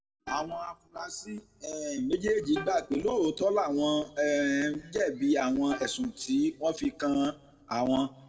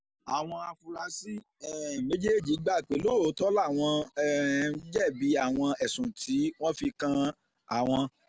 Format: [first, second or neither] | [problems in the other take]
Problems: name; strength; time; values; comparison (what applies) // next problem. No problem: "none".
second | noise reduction (neural separator model SepFormer DNS4)